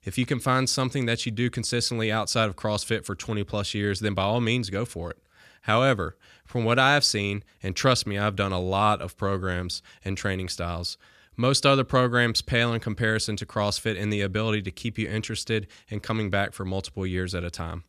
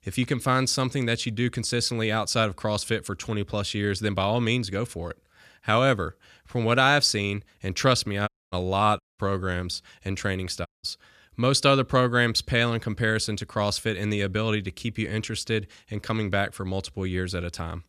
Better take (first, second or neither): first